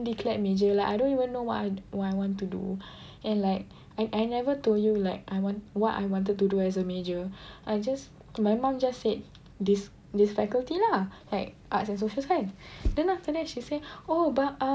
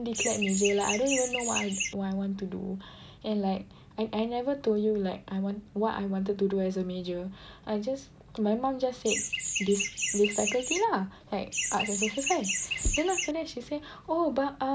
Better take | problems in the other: first | background sound (Chirp, tweet); 2 dB below the speech

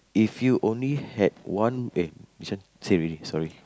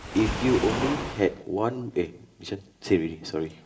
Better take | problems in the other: first | background sound (Waves, surf); 7 dB below the speech // room echo; dies away in 0.7 s

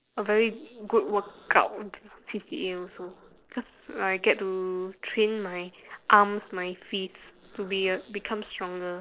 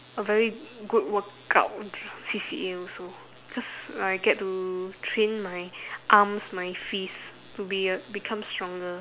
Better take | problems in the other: second | noise reduction (neural separator model SepFormer DNS4)

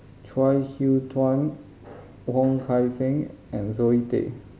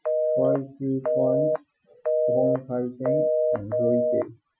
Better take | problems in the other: first | noise reduction (classical method Wiener filter)

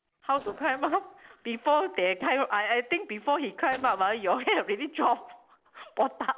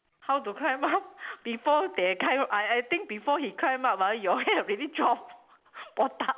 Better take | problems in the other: second | noise reduction (neural separator model SepFormer DNS4)

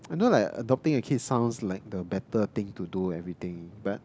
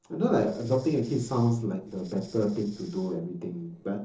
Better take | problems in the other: first | noise reduction (neural separator model SepFormer DNS4)

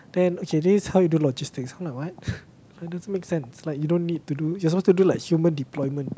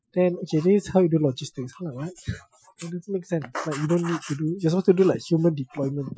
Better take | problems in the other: first | noise reduction (classical method Wiener filter)

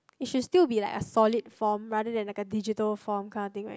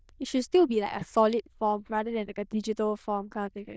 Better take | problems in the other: first | noise reduction (neural diffusion model UNIVERSE++)

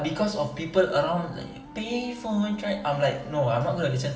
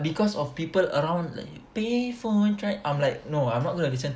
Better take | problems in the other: second | background sound (Wind instrument, woodwind instrument); 20 dB below the speech // room echo; dies away in 1.3 s

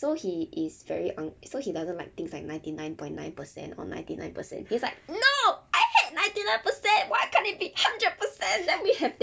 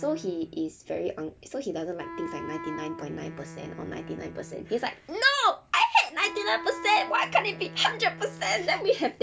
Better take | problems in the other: first | background sound (Wind instrument, woodwind instrument); 14 dB below the speech

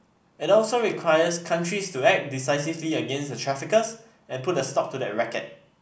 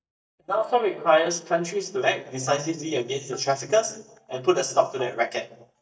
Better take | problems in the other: first | noise reduction (neural mask model DeepFilterNet 3)

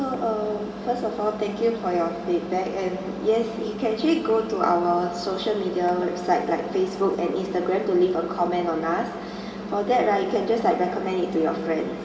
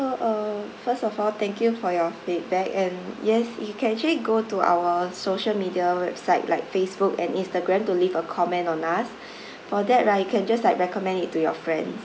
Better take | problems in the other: second | background sound (Engine); 11 dB below the speech // room echo; dies away in 2.6 s

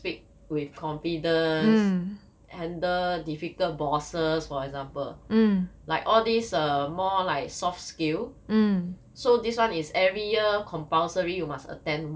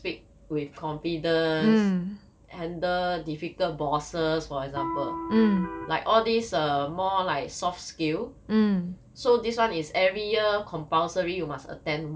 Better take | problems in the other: first | background sound (Electric guitar); 6 dB below the speech

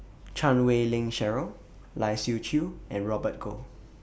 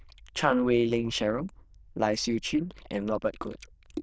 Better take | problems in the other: first | noise reduction (neural diffusion model UNIVERSE++)

